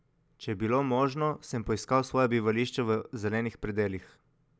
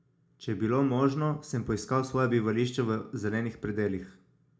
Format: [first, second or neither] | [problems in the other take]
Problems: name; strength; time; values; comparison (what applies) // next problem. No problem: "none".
first | room echo; dies away in 0.3 s